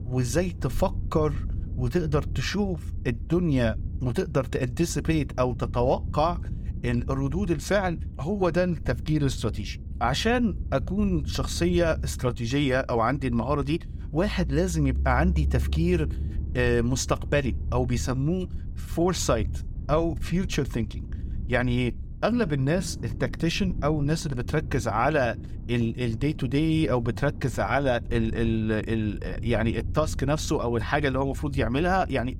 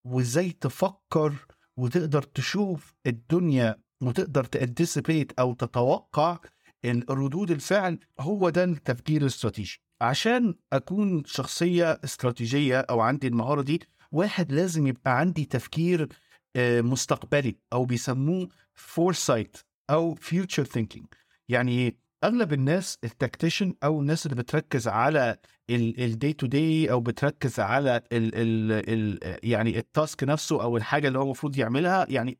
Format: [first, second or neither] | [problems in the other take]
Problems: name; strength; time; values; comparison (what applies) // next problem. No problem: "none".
second | low rumble; faint; throughout; 20 dB below the speech